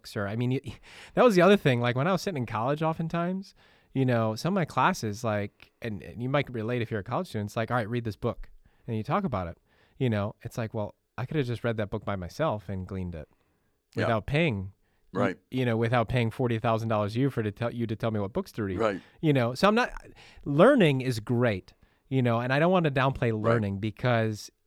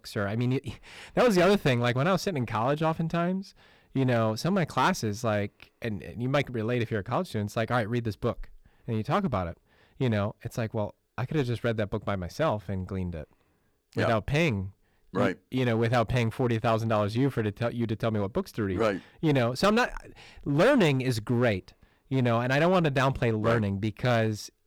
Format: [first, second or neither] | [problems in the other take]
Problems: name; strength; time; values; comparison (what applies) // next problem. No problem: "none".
first | distortion; slight; 5% of the sound clipped